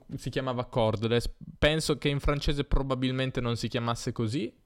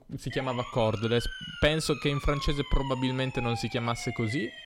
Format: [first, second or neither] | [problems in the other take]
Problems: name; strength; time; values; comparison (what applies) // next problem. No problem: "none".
first | siren; noticeable; peak 7 dB below the speech